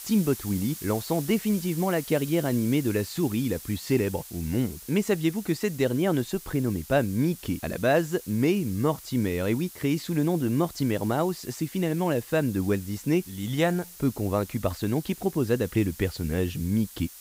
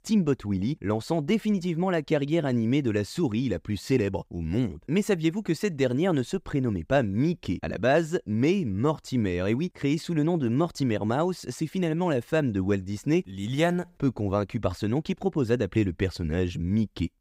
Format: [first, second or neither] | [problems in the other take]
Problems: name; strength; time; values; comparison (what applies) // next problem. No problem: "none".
second | hiss; noticeable; throughout; 15 dB below the speech